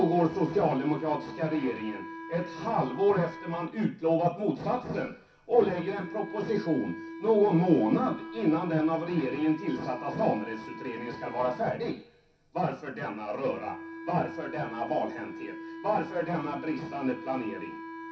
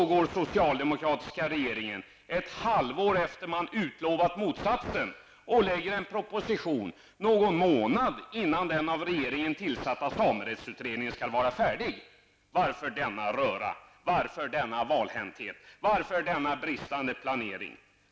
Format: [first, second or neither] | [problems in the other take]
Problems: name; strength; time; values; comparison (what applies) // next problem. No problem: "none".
second | background sound (Wind instrument, woodwind instrument); 13 dB below the speech // room echo; dies away in 0.3 s